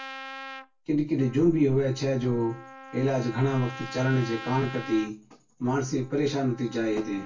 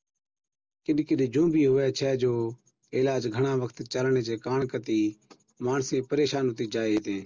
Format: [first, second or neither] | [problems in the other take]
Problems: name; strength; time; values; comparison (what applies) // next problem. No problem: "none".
second | background sound (Trumpet); 16 dB below the speech // room echo; dies away in 0.2 s